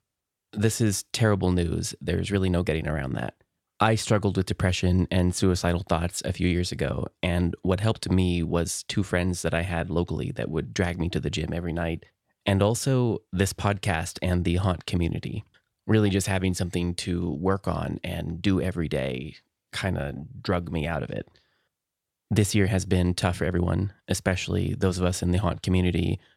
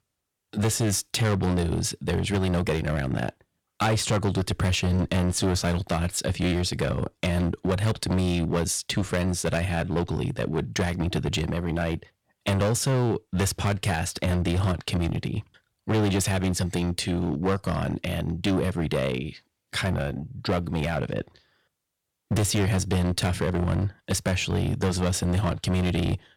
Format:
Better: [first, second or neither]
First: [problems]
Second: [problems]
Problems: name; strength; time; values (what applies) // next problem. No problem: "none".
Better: first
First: none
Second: distortion; heavy; 11% of the sound clipped